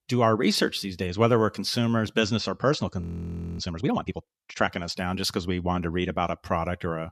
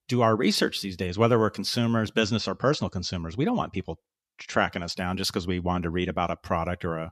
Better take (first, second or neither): second